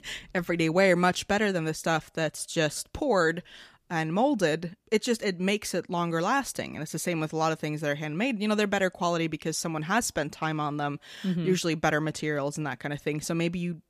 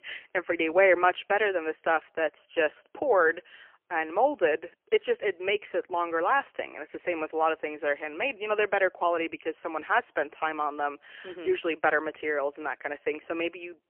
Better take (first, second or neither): first